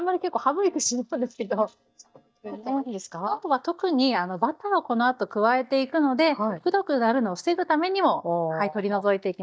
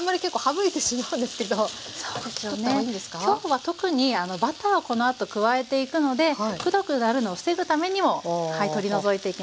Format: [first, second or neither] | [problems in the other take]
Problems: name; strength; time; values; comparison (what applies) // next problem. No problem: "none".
second | noise reduction (neural mask model DeepFilterNet 3)